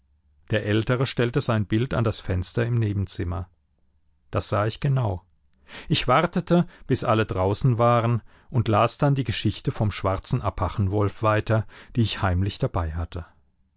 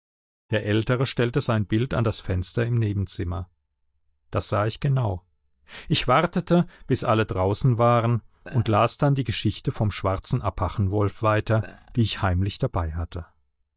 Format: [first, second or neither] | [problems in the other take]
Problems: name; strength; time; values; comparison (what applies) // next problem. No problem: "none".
first | noise reduction (neural mask model DeepFilterNet 3)